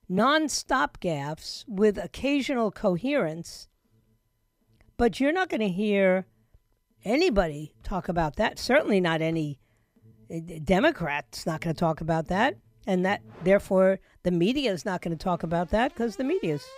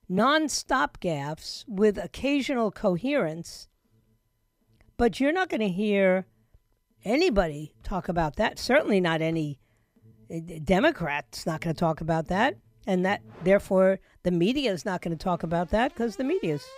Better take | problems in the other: neither | alarms or sirens; faint; throughout; 30 dB below the speech; the same in both

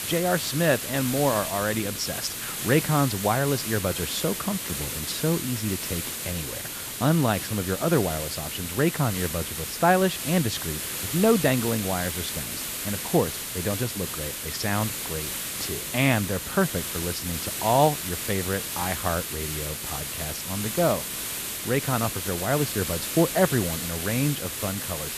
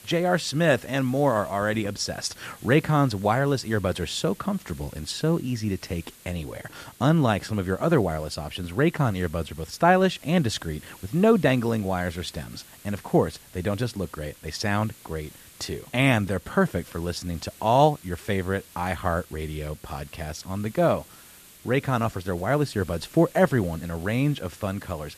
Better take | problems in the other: second | hiss; loud; throughout; 3 dB below the speech; faint in the second

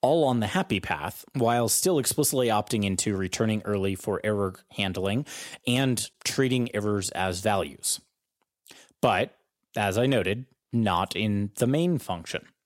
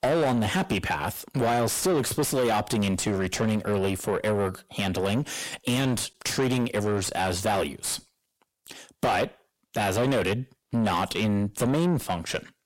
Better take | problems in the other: first | distortion; heavy; 7 dB below the speech

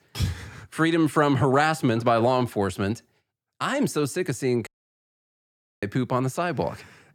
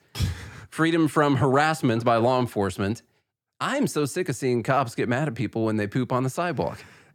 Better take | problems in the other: second | audio cutting out; at 4.5 s for 1 s

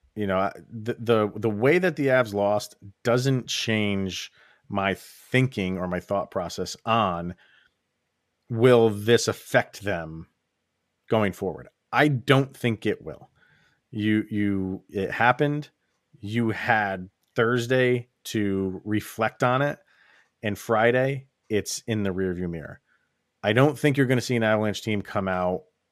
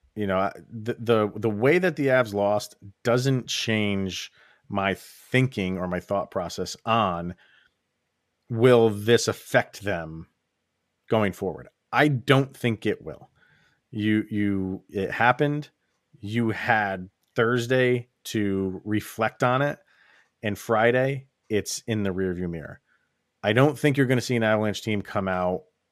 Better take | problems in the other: neither | none

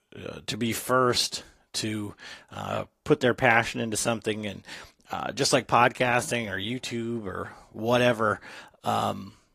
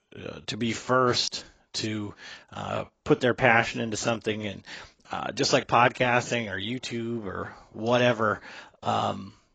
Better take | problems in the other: first | garbled, watery; badly; nothing above 7.5 kHz; slightly in the first

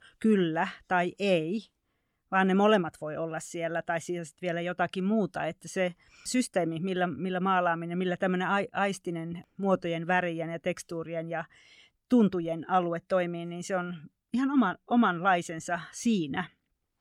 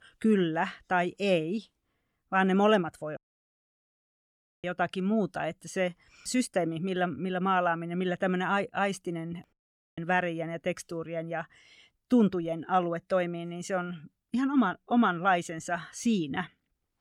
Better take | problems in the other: first | audio cutting out; at 3 s for 1.5 s and at 9.5 s

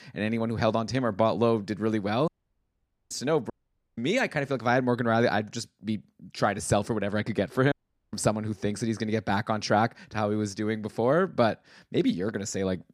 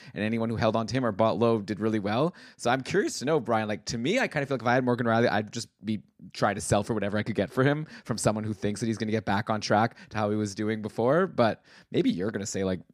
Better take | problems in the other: second | audio cutting out; at 2.5 s for 1 s, at 3.5 s and at 7.5 s

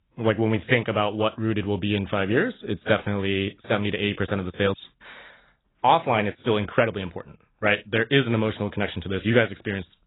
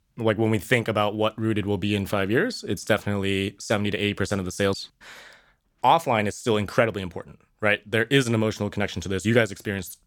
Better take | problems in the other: second | garbled, watery; badly; nothing above 3.5 kHz

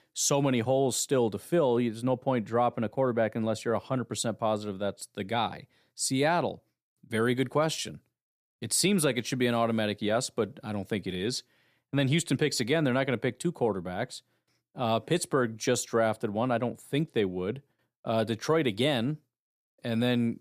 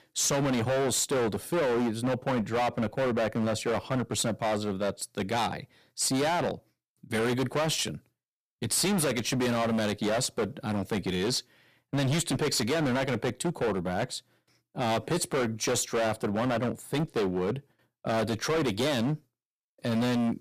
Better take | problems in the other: first | distortion; heavy; 21% of the sound clipped

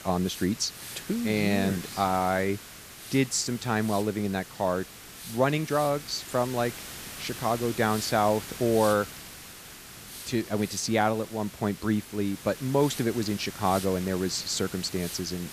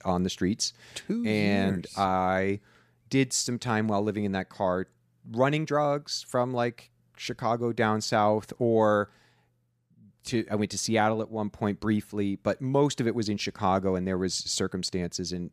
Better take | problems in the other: second | hiss; noticeable; throughout; 10 dB below the speech

